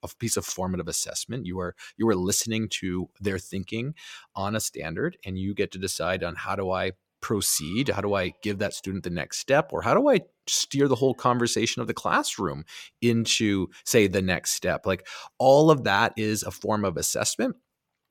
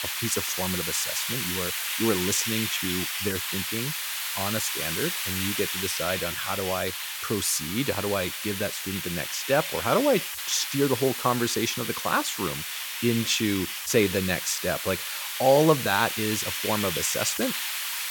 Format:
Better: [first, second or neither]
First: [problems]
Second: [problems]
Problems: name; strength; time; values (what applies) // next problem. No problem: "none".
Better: first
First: none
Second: hiss; loud; throughout; 2 dB below the speech